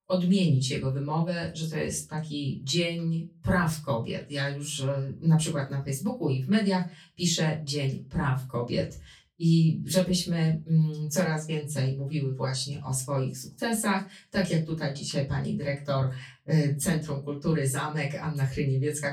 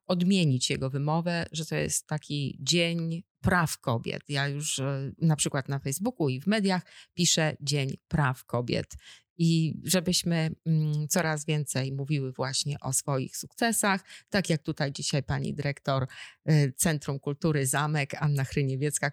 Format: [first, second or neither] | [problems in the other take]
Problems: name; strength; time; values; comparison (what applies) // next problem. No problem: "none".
second | off-mic speech; far // room echo; very slight; dies away in 0.2 s